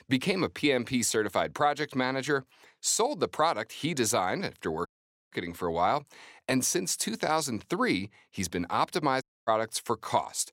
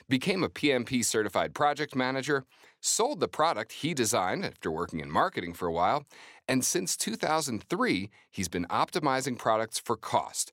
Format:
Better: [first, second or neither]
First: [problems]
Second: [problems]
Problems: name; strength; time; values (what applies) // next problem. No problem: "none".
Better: second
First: audio cutting out; at 5 s and at 9 s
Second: none